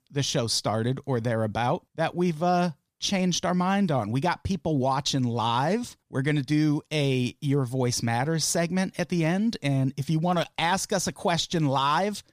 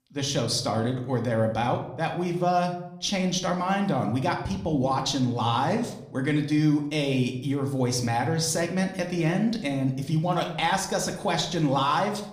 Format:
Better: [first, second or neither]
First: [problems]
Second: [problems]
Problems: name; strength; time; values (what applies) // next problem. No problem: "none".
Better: first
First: none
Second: room echo; slight; dies away in 0.5 s